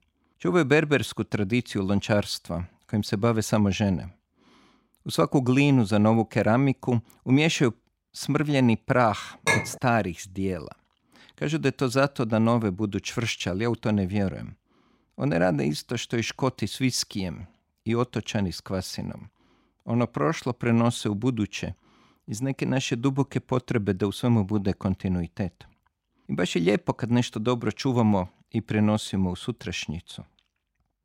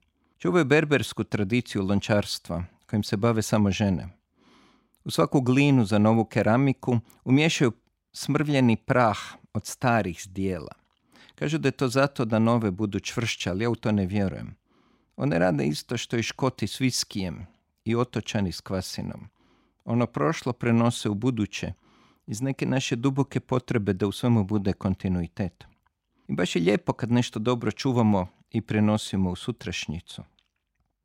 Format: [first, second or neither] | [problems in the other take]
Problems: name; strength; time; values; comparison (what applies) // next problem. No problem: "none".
second | clattering dishes; loud; at 9.5 s; peak 1 dB above the speech